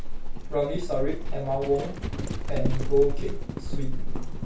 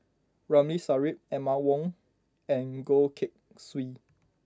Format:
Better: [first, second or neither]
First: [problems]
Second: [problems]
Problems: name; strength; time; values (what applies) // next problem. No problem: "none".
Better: second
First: background sound (Livestock, farm animals, working animals); 4 dB above the speech // room echo; dies away in 0.3 s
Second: none